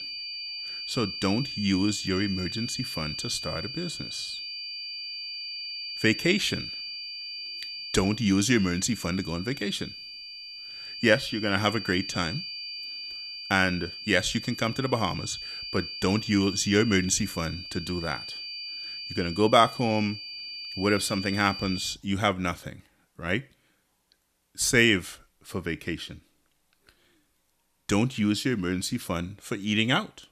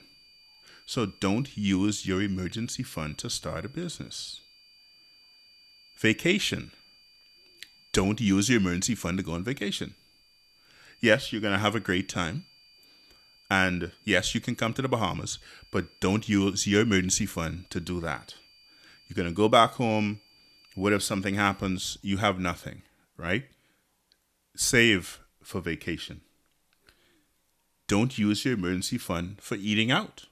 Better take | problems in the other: second | high-pitched whine; loud; until 22 s; 4.5 kHz, 8 dB below the speech; faint in the second

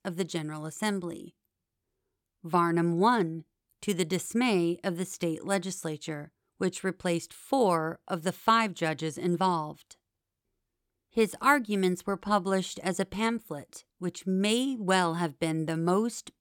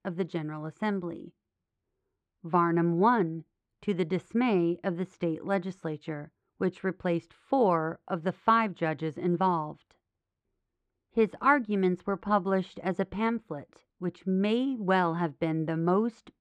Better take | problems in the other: first | muffled; very; fading above 2 kHz

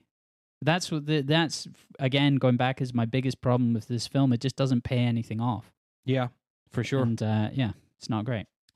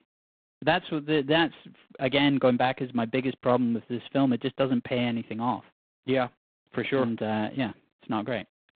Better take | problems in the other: first | phone-call audio; poor line; nothing above 4 kHz

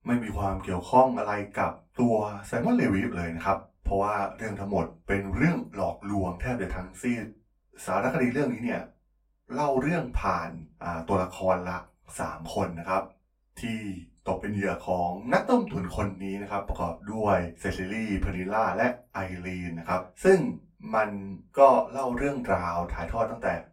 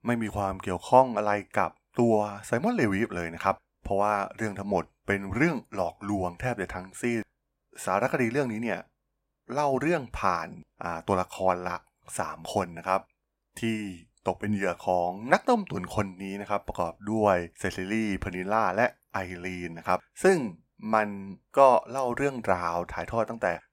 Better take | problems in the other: second | off-mic speech; far // room echo; very slight; dies away in 0.2 s

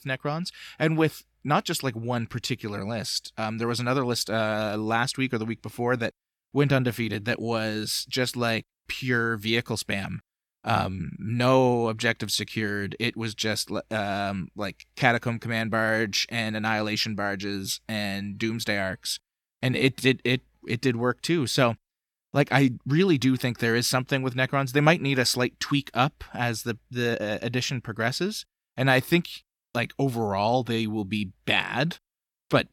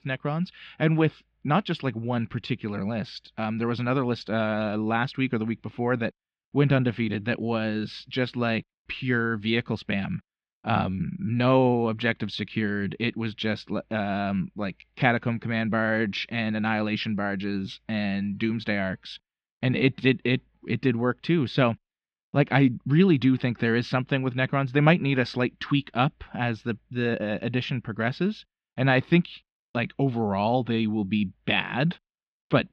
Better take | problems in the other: first | muffled; slightly; fading above 3.5 kHz

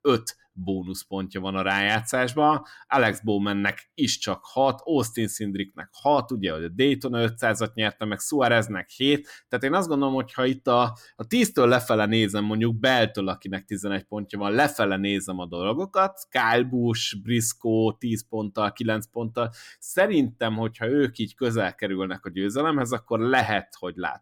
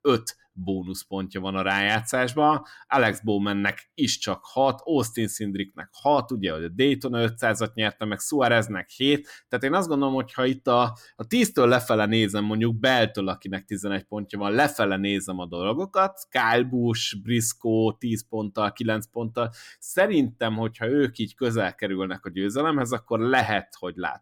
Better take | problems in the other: neither | none

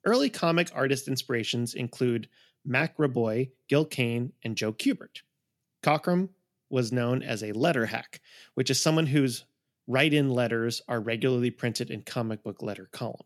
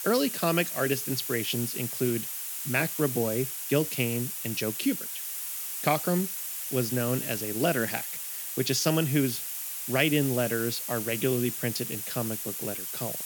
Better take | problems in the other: first | hiss; loud; throughout; 3 dB below the speech

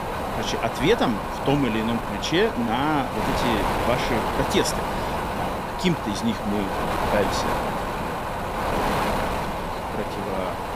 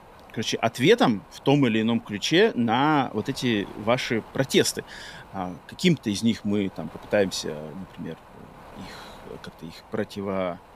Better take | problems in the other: second | wind noise on the microphone; heavy; 2 dB above the speech; occasional gusts in the second

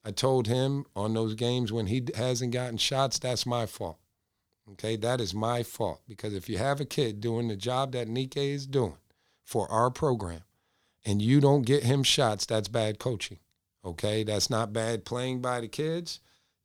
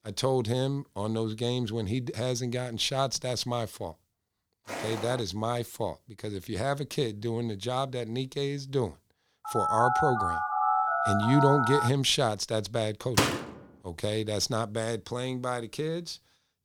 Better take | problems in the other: first | footsteps; noticeable; at 4.5 s; peak 6 dB below the speech // phone ringing; loud; from 9.5 to 12 s; peak 4 dB above the speech // door banging; loud; at 13 s; peak 4 dB above the speech

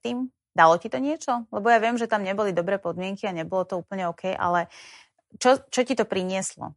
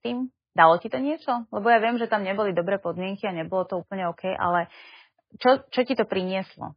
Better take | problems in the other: first | garbled, watery; badly; nothing above 4.5 kHz; slightly in the first

